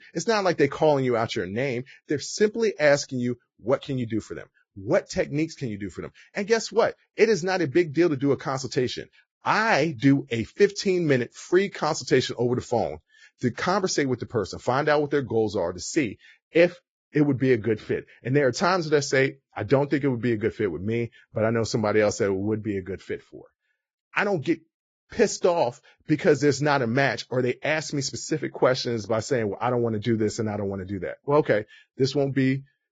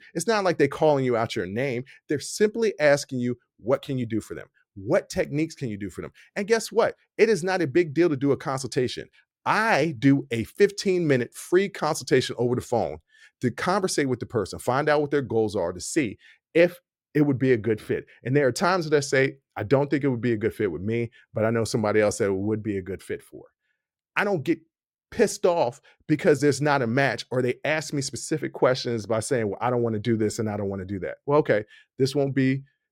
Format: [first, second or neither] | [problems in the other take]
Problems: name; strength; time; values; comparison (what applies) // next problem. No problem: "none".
second | garbled, watery; badly; nothing above 7.5 kHz